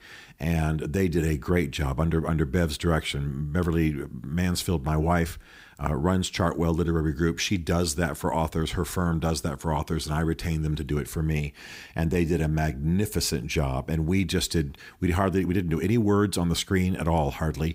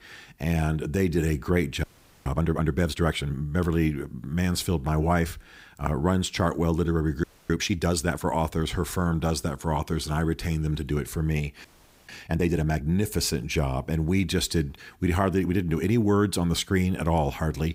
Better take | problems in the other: first | audio freezing; at 2 s, at 7 s and at 12 s

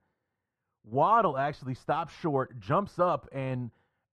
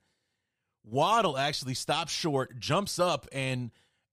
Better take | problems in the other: second | muffled; very; fading above 2.5 kHz

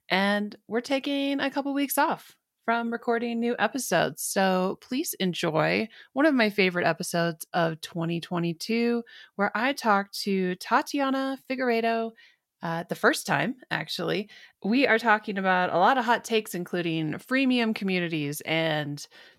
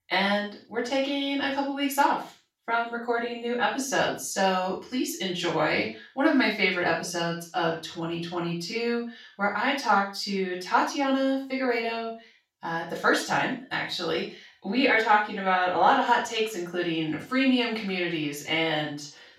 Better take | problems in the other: first | room echo; noticeable; dies away in 0.3 s // off-mic speech; far

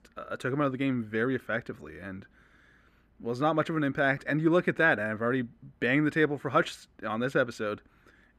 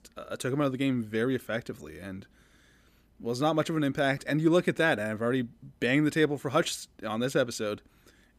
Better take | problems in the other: second | muffled; slightly; fading above 3.5 kHz

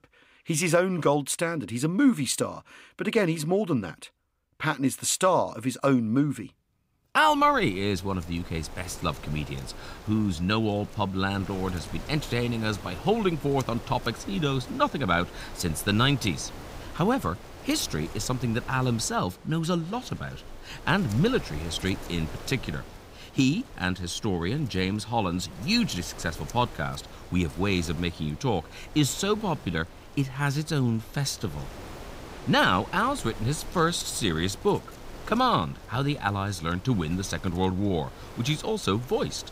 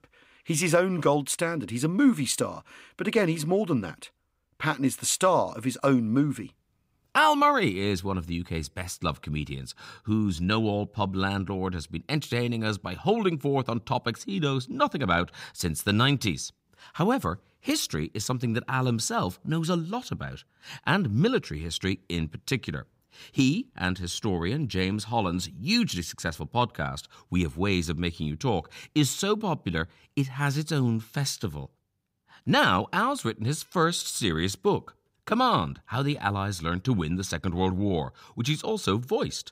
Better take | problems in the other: second | wind noise on the microphone; occasional gusts; from 7.5 s on; 15 dB below the speech

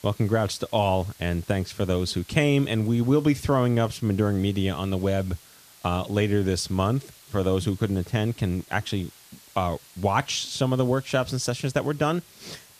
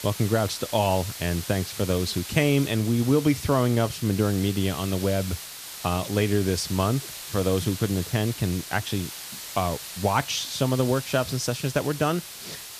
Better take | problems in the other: first | hiss; loud; throughout; 10 dB below the speech; faint in the first

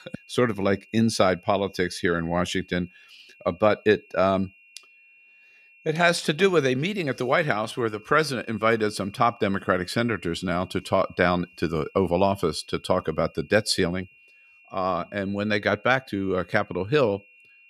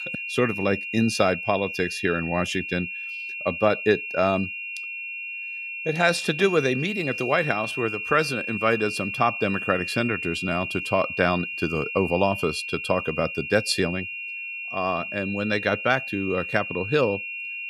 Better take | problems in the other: first | high-pitched whine; loud; throughout; 2.5 kHz, 5 dB below the speech; faint in the first

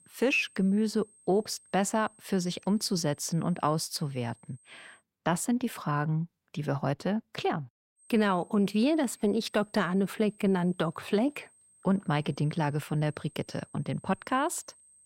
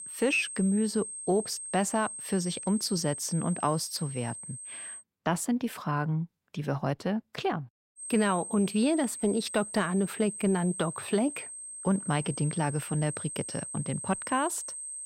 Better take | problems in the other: first | high-pitched whine; loud; until 5 s and from 8 s on; 8.5 kHz, 8 dB below the speech; faint in the first

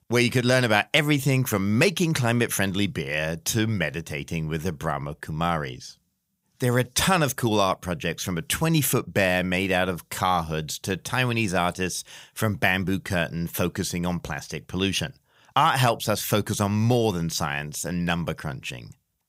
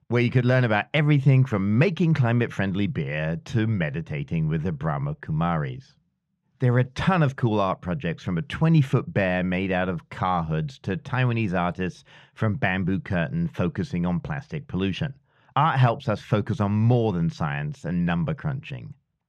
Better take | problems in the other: first | muffled; very; fading above 2.5 kHz

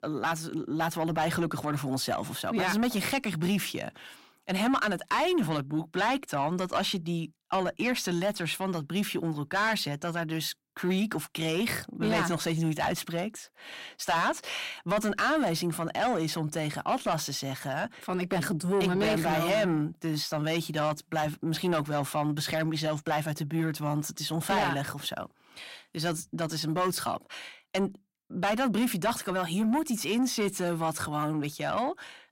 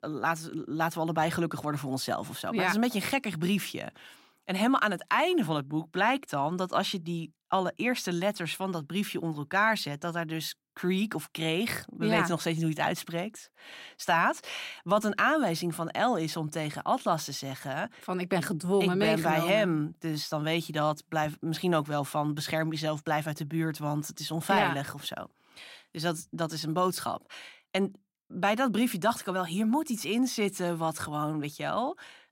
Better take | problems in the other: second | distortion; slight; 10 dB below the speech

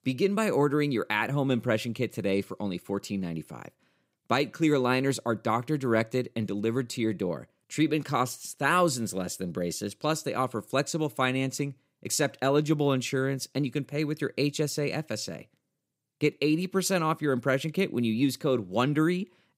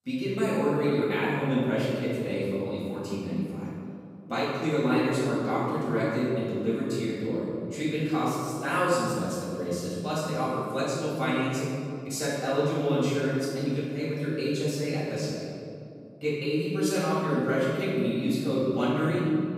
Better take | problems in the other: first | off-mic speech; far // room echo; strong; dies away in 2.3 s

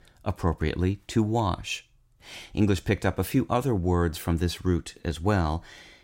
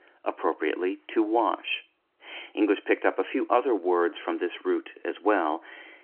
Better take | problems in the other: first | phone-call audio; nothing above 3 kHz

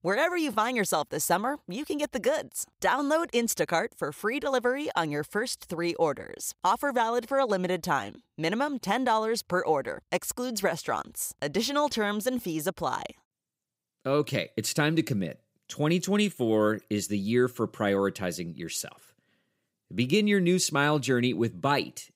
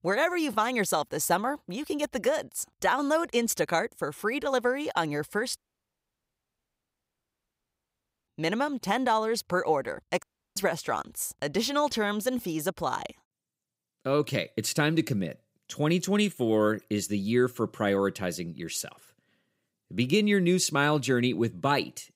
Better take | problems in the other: first | audio cutting out; at 5.5 s for 2.5 s and at 10 s

